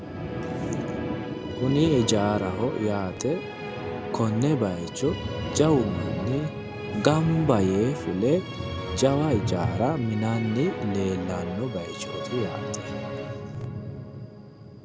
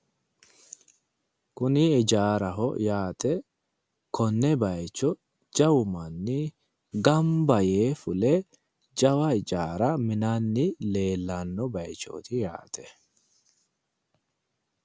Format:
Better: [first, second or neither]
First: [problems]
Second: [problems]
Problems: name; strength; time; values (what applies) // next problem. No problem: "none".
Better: second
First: background sound (Thunder + Musical instrument); 5 dB below the speech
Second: none